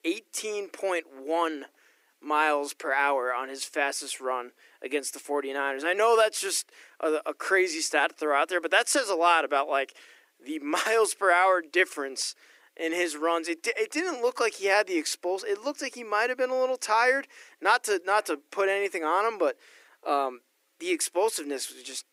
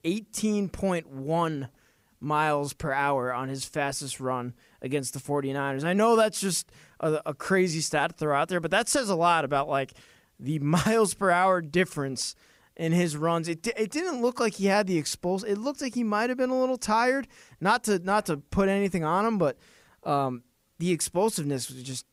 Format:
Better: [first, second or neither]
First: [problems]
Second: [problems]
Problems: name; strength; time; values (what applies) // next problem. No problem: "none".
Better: second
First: thin; very; fading below 300 Hz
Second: none